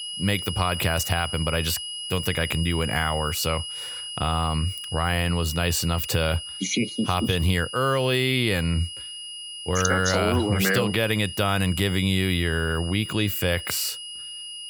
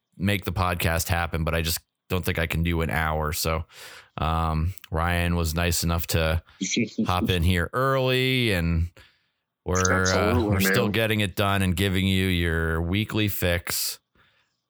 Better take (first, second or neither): second